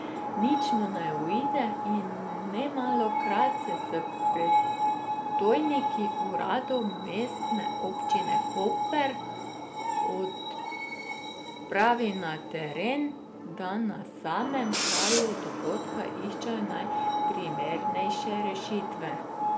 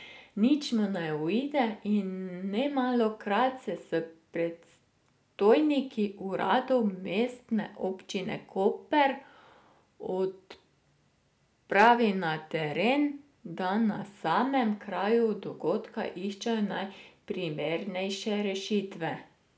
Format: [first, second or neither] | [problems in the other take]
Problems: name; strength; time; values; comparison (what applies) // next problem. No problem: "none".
second | background sound (Screech); 1 dB above the speech